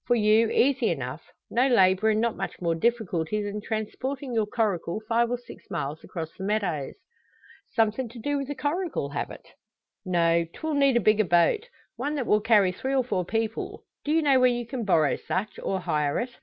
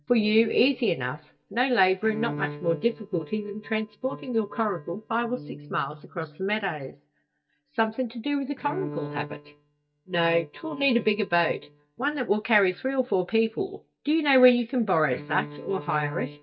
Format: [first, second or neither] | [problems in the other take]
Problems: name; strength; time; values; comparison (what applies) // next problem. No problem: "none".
first | noise reduction (neural mask model DeepFilterNet 3)